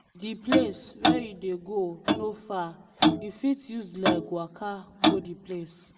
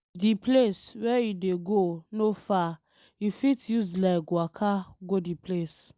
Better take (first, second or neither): second